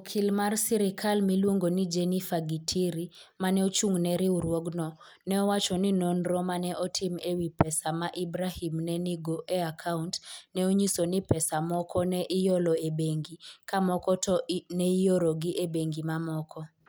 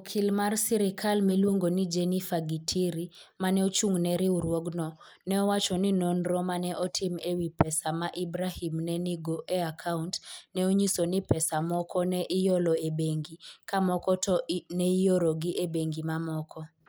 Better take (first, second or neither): first